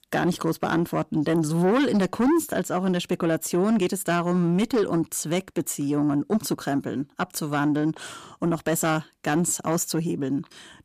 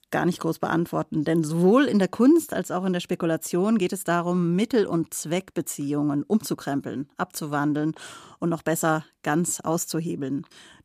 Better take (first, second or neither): second